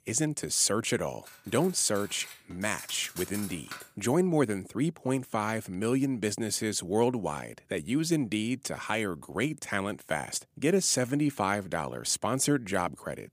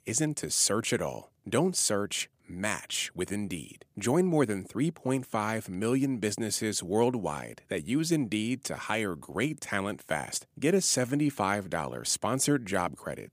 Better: second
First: clattering dishes; noticeable; from 1.5 to 4 s; peak 10 dB below the speech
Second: none

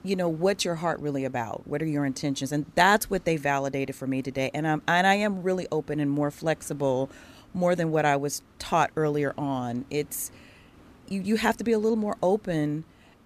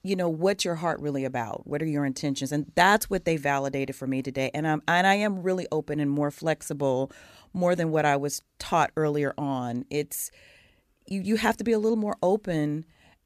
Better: second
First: hiss; faint; throughout; 30 dB below the speech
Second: none

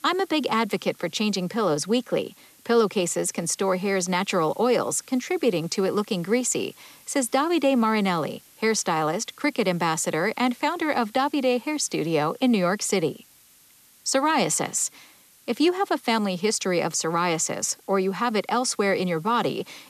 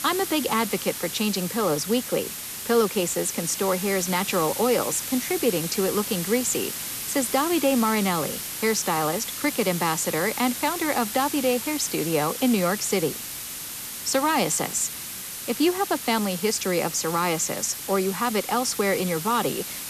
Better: first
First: hiss; faint; throughout; 25 dB below the speech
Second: hiss; loud; throughout; 6 dB below the speech

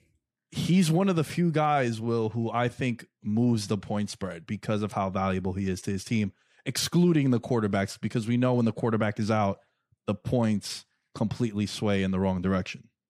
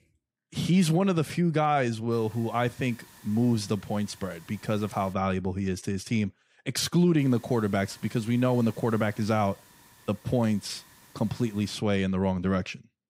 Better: first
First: none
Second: hiss; faint; from 2 to 5 s and from 7 to 12 s; 25 dB below the speech

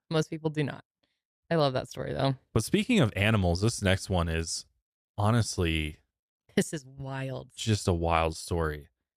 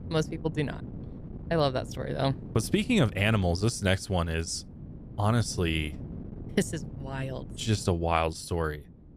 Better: first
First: none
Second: wind noise on the microphone; occasional gusts; 20 dB below the speech

